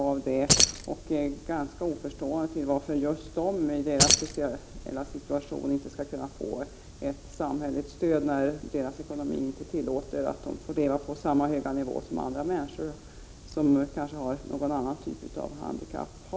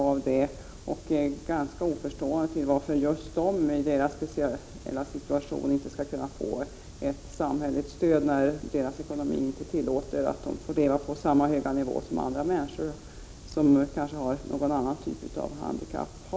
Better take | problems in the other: second | background sound (Keys jangling); 3 dB above the speech

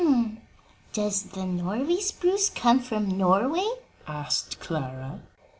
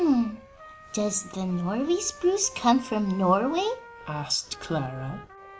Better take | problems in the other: first | background sound (Trumpet); 19 dB below the speech

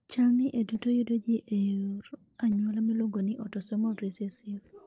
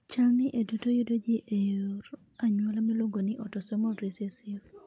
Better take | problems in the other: second | noise reduction (neural separator model SepFormer DNS4)

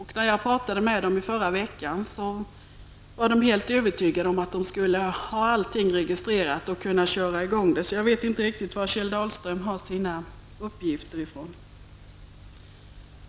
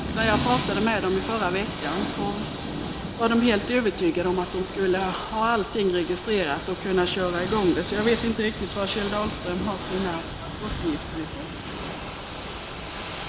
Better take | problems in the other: first | background sound (Ocean / Boat, Water vehicle + Thunder / Rain); 6 dB below the speech

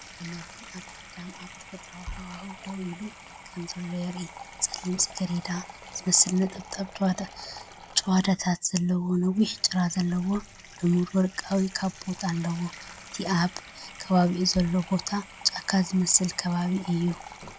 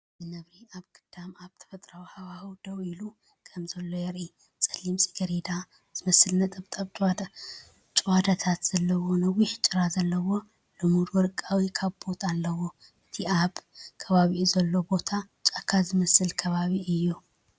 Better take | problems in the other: second | background sound (Sink (filling or washing) / Water tap, faucet); 17 dB below the speech

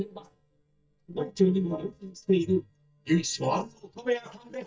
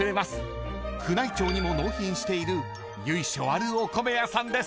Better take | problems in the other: second | noise reduction (neural mask model DeepFilterNet 3)

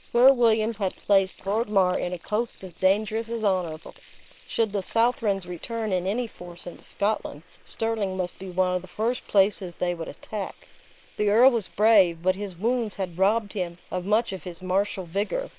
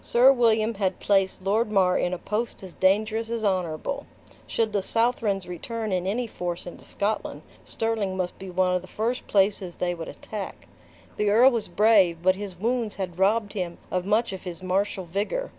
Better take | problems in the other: second | noise reduction (neural separator model SepFormer WHAM!)

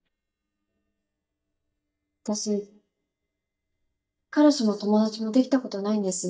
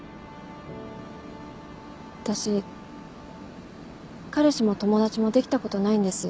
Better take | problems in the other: second | noise reduction (neural mask model DeepFilterNet 3)

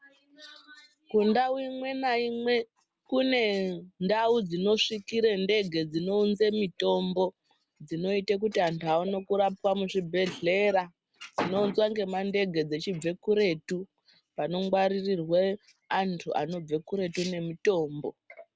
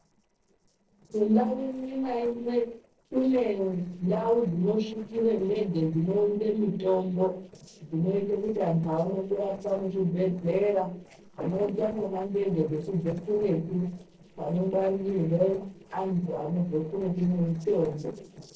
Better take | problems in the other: first | noise reduction (neural separator model SepFormer DNS4)

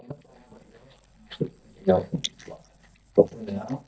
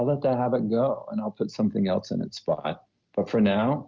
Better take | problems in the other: second | noise reduction (neural mask model DeepFilterNet 3)

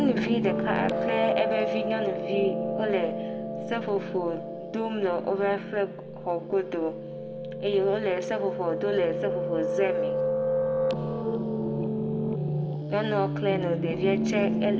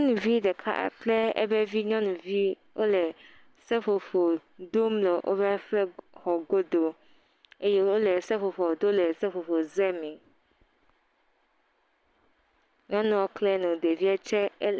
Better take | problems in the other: second | background sound (Piano); as loud as the speech // room echo; dies away in 1.4 s

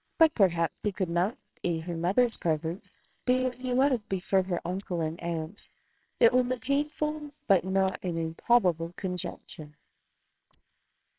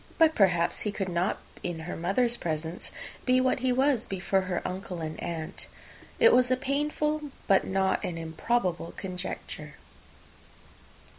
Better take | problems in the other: second | noise reduction (neural separator model SepFormer WHAMR!)

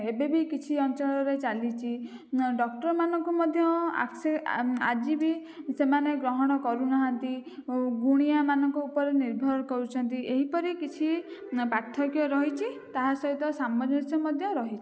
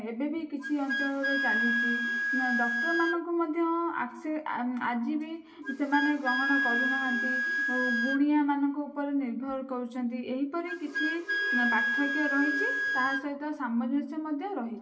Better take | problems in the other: first | background sound (Wind instrument, woodwind instrument); 1 dB below the speech // room echo; dies away in 0.2 s

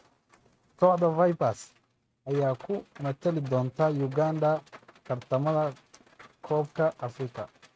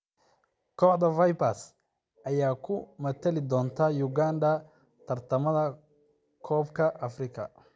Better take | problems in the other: second | noise reduction (neural mask model RNNoise)

